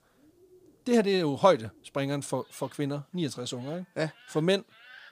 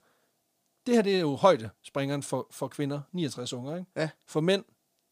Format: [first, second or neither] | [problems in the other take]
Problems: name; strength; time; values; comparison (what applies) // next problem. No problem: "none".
second | animal sounds; faint; throughout; 30 dB below the speech